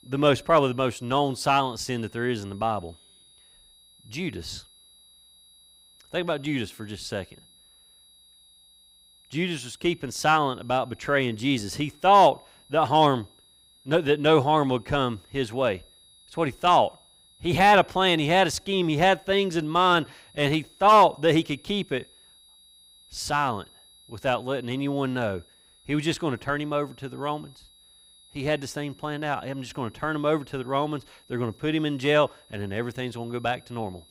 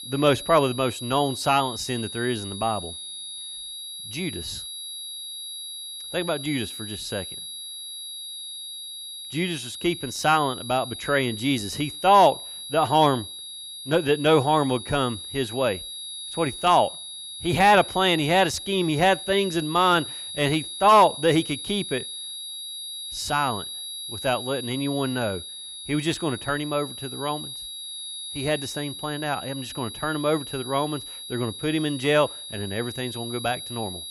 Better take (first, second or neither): first